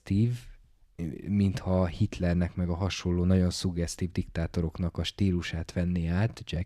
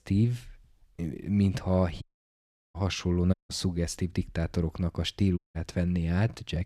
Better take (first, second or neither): first